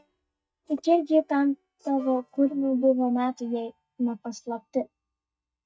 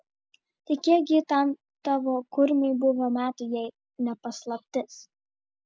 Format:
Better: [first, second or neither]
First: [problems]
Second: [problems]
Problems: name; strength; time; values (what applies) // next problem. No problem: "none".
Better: second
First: noise reduction (neural mask model DeepFilterNet 3)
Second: none